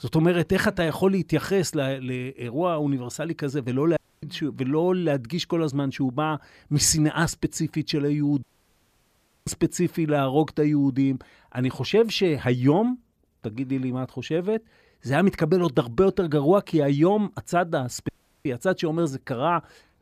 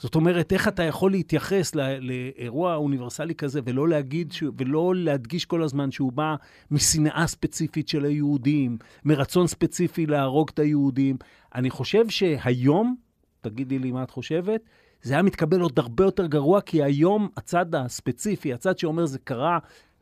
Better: second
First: audio cutting out; at 4 s, at 8.5 s for 1 s and at 18 s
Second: none

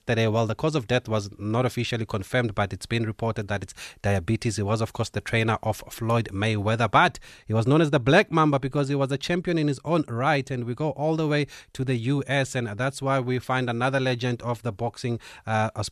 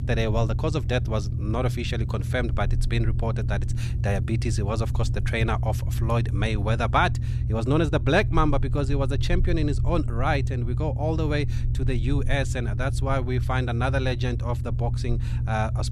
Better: first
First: none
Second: low rumble; noticeable; throughout; 15 dB below the speech

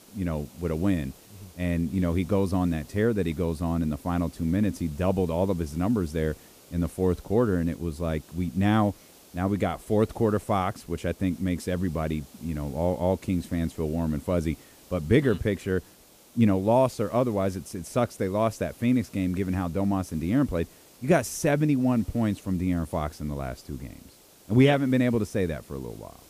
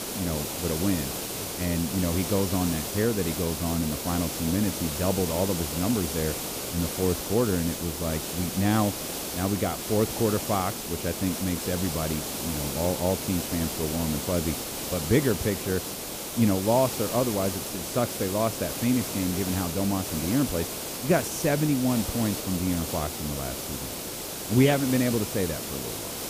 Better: first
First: hiss; faint; throughout; 25 dB below the speech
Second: hiss; loud; throughout; 3 dB below the speech

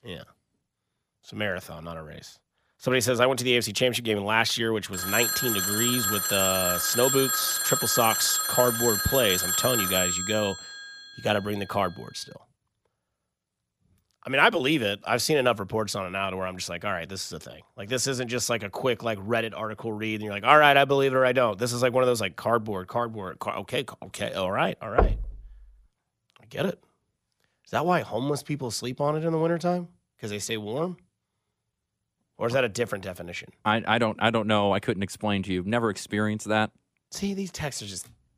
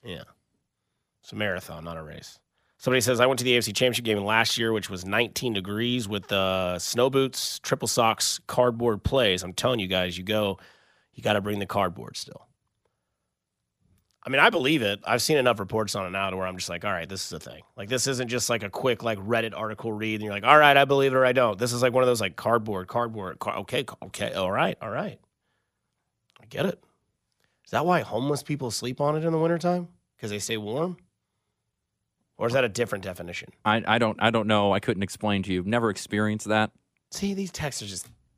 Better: second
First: phone ringing; loud; from 5 to 11 s; peak 2 dB above the speech // door banging; loud; at 25 s; peak level with the speech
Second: none

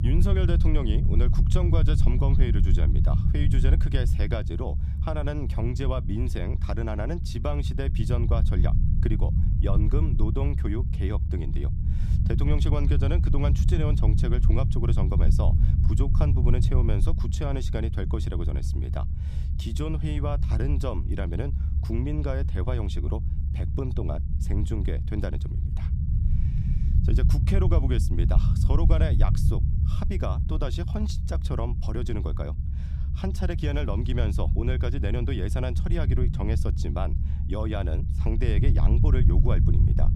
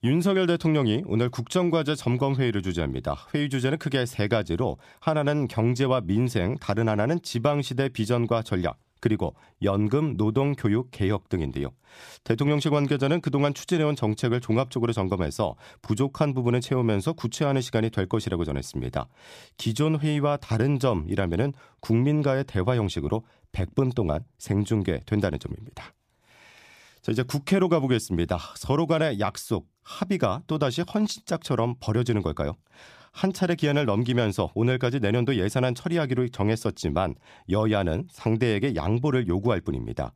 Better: second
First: low rumble; loud; throughout; 5 dB below the speech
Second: none

